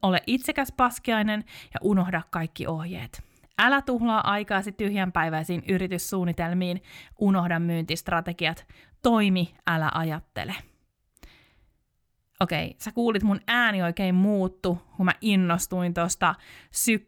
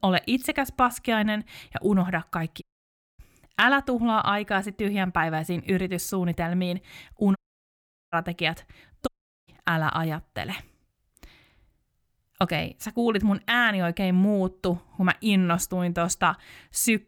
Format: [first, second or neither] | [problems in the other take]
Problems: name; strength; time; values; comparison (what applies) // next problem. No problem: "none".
first | audio cutting out; at 2.5 s for 0.5 s, at 7.5 s for 1 s and at 9 s